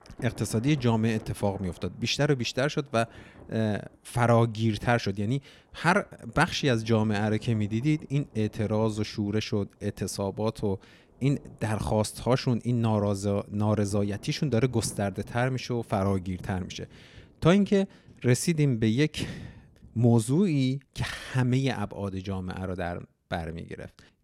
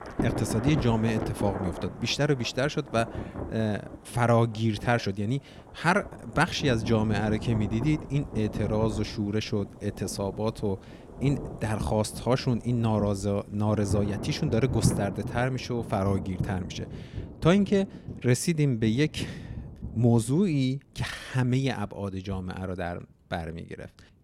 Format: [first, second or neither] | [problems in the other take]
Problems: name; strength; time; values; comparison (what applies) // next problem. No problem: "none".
first | rain or running water; loud; throughout; 9 dB below the speech; faint in the first